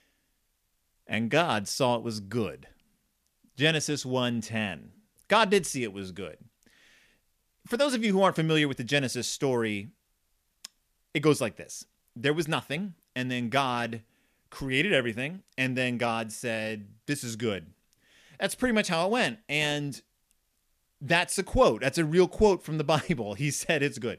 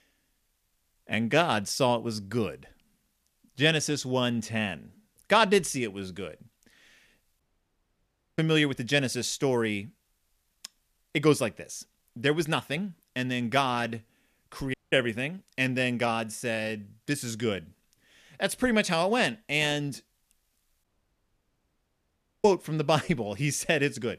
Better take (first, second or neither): first